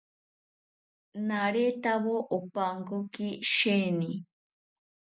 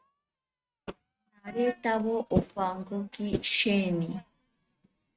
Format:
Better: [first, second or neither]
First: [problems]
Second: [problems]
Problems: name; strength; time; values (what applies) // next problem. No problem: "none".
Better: first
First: none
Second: noise reduction (neural mask model RNNoise)